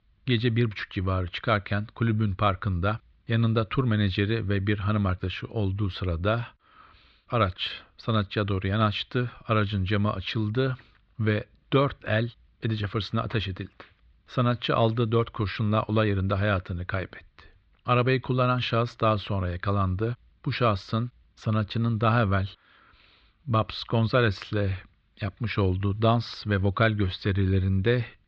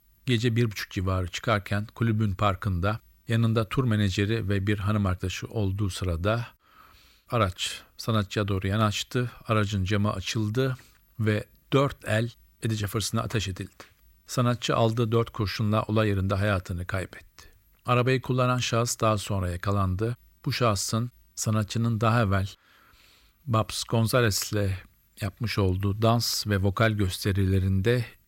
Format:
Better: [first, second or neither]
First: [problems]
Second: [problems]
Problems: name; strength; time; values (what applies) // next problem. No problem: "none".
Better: second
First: muffled; slightly; fading above 4 kHz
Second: none